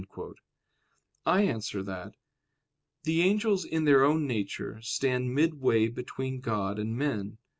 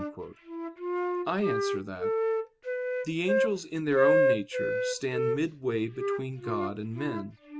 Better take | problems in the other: first | background sound (Wind instrument, woodwind instrument); 3 dB above the speech

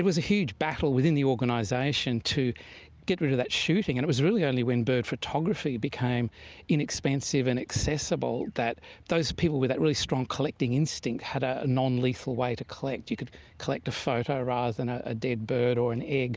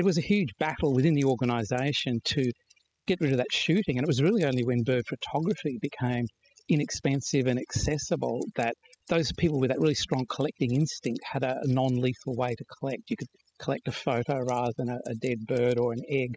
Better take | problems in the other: first | noise reduction (classical method spectral subtraction)

